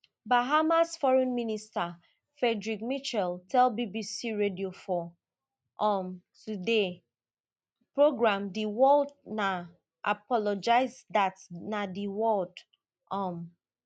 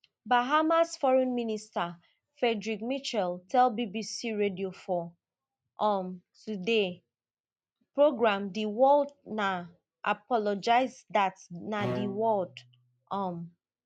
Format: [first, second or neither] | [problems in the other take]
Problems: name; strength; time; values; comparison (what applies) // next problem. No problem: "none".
first | background sound (Bowed string instrument); 10 dB below the speech